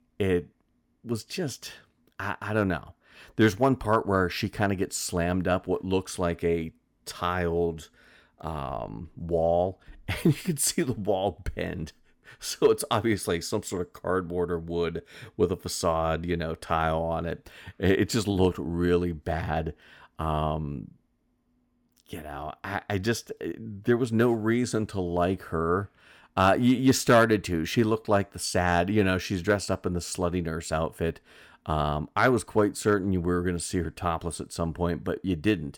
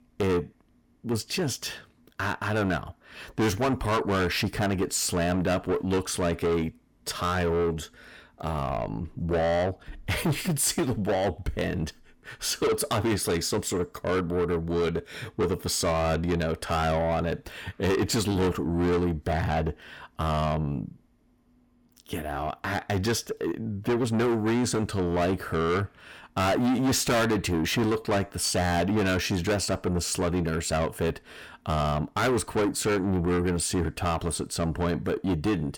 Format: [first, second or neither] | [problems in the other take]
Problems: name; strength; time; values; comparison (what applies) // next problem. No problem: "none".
first | distortion; heavy; 6 dB below the speech